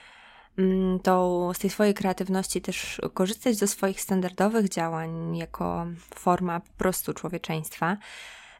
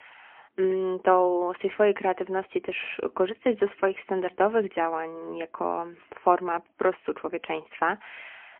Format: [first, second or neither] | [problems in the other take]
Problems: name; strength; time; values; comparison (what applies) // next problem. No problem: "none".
first | phone-call audio; poor line; nothing above 3 kHz